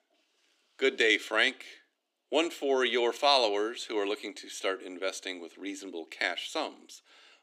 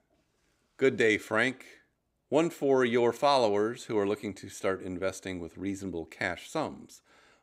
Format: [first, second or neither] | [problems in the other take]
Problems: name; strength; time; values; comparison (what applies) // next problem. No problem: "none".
second | thin; very slightly; fading below 300 Hz